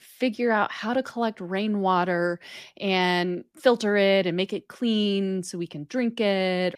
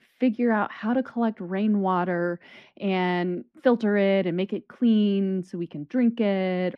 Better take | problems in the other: first | muffled; slightly; fading above 4 kHz

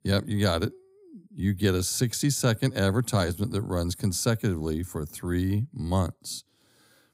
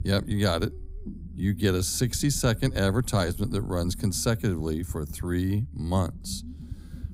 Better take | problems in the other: first | low rumble; faint; throughout; 20 dB below the speech

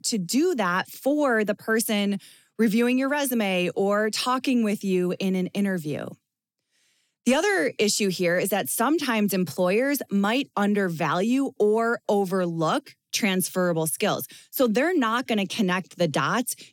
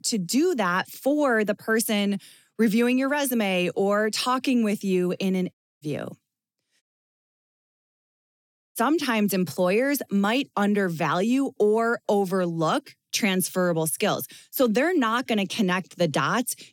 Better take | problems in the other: first | audio cutting out; at 5.5 s and at 7 s for 2 s

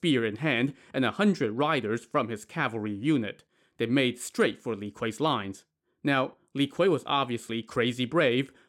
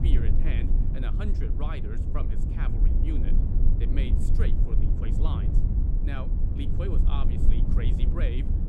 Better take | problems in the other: first | low rumble; loud; throughout; 1 dB below the speech

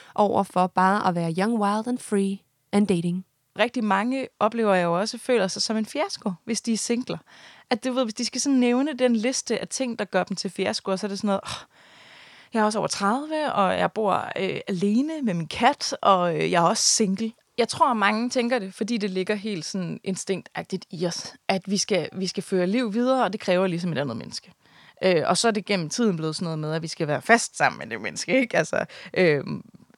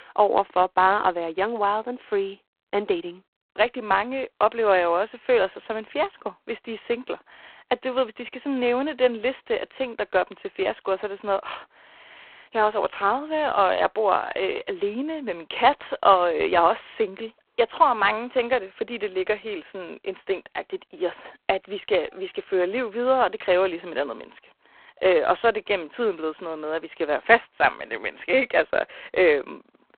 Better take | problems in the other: first | phone-call audio; poor line

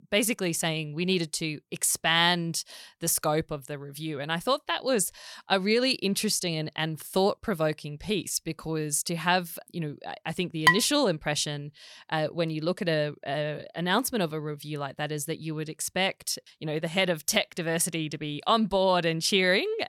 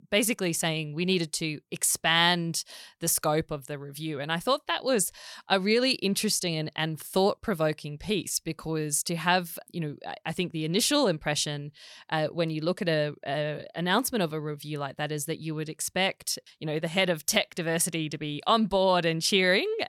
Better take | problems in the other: second | clattering dishes; loud; at 11 s; peak 5 dB above the speech

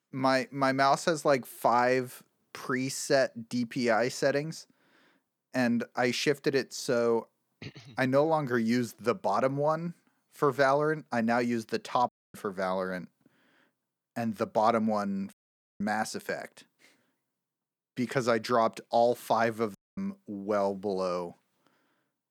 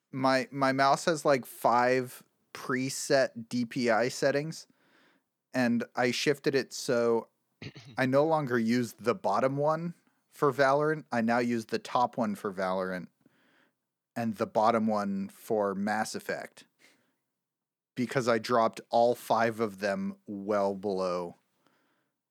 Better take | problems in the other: second | audio cutting out; at 12 s, at 15 s and at 20 s

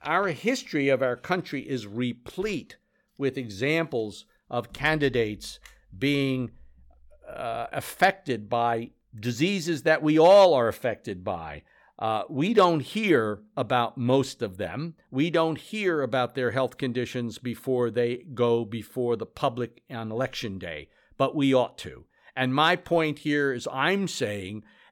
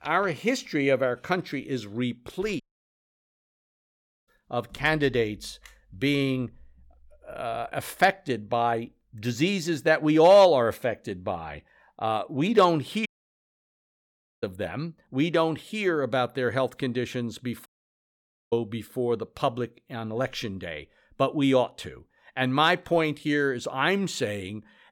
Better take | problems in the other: first | audio cutting out; at 2.5 s for 1.5 s, at 13 s for 1.5 s and at 18 s for 1 s

